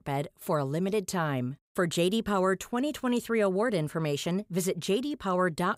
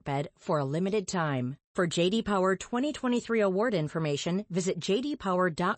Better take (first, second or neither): first